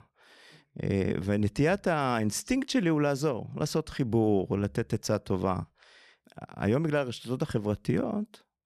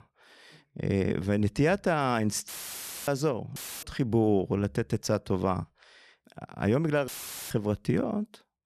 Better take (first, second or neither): first